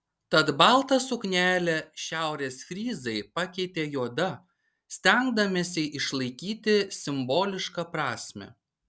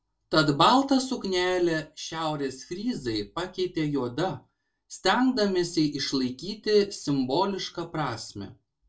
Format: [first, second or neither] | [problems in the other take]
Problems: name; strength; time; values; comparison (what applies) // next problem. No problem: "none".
first | room echo; dies away in 0.1 s